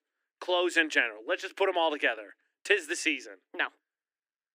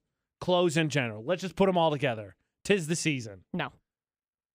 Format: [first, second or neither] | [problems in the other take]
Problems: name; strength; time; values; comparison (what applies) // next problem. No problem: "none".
second | thin; very; fading below 300 Hz